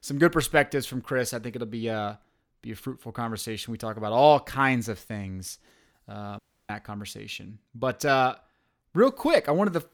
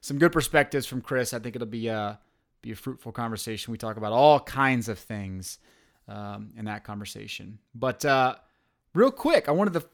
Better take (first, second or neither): second